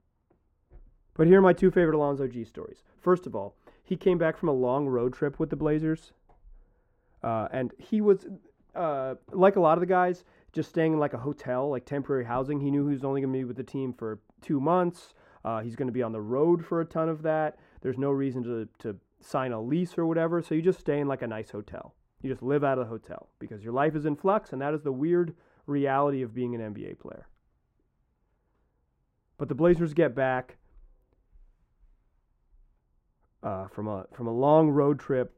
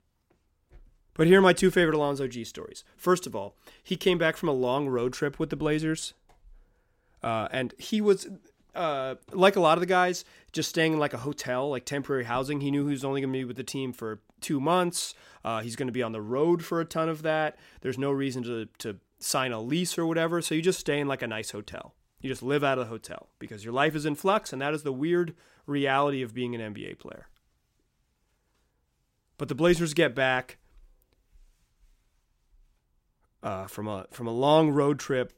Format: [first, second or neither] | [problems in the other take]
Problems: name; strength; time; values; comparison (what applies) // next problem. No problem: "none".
second | muffled; very; fading above 2.5 kHz